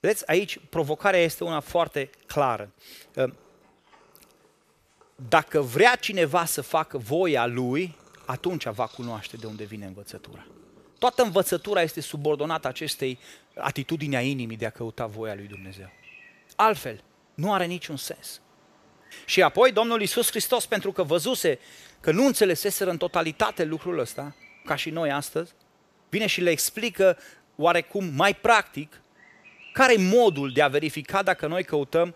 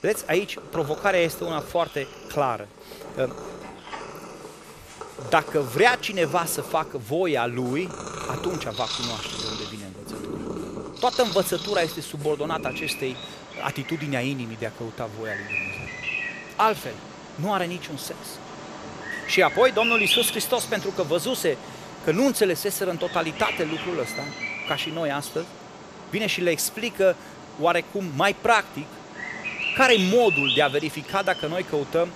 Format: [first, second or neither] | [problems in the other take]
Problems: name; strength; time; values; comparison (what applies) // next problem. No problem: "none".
first | animal sounds; loud; throughout; 6 dB below the speech; faint in the first